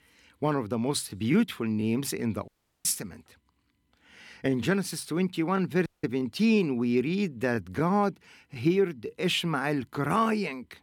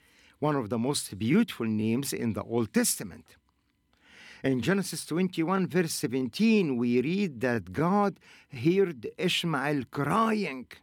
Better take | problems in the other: second | audio cutting out; at 2.5 s and at 6 s

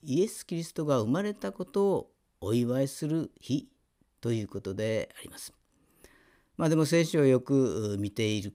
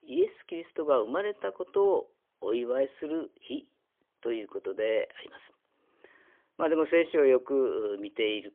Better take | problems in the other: first | phone-call audio; poor line; nothing above 3.5 kHz

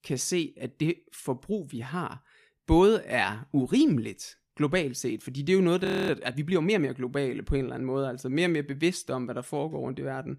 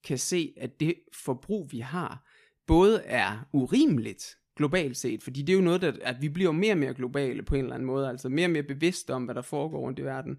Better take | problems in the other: second | audio freezing; at 6 s

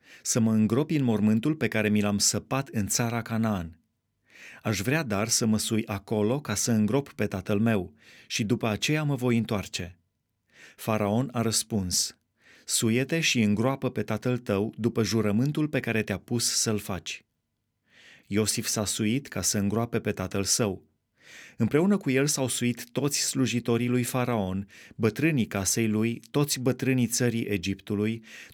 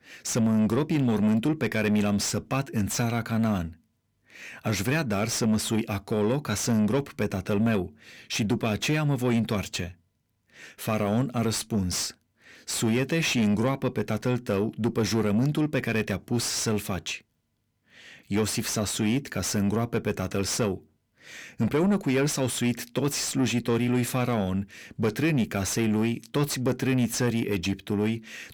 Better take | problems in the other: first | distortion; slight; 10 dB below the speech

